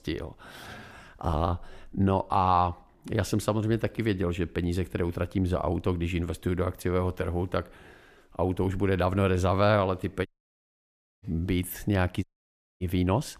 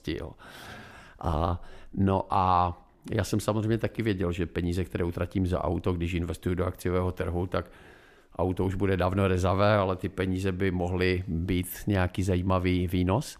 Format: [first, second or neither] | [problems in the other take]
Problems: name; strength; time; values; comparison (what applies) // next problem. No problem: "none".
second | audio cutting out; at 10 s for 1 s and at 12 s for 0.5 s